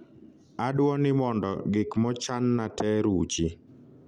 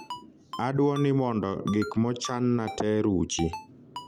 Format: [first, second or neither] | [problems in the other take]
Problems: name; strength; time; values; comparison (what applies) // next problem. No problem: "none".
first | background sound (Ringtone); 16 dB below the speech